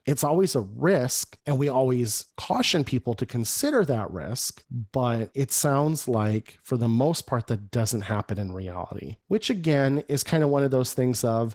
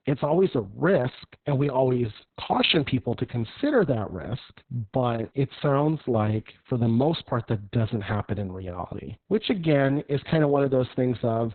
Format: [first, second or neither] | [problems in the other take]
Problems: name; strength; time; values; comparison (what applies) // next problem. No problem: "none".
first | garbled, watery; badly; nothing above 4 kHz; slightly in the first